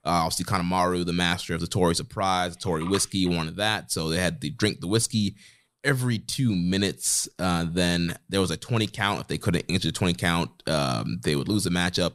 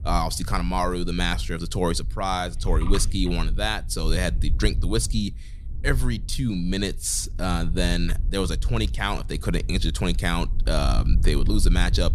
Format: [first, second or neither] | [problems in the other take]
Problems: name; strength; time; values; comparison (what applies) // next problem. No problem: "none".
first | wind noise on the microphone; occasional gusts; 20 dB below the speech